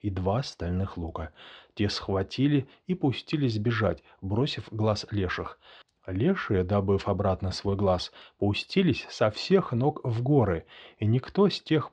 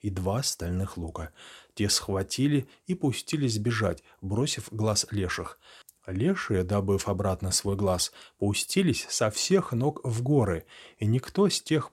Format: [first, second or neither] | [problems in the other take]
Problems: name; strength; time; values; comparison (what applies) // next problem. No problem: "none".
second | muffled; slightly; fading above 4 kHz